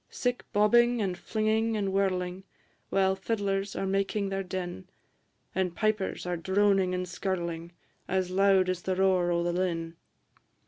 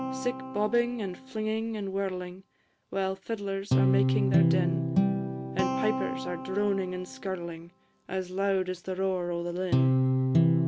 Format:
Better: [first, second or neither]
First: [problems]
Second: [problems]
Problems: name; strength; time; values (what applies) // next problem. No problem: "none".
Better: first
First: none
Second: background sound (Guitar); 2 dB above the speech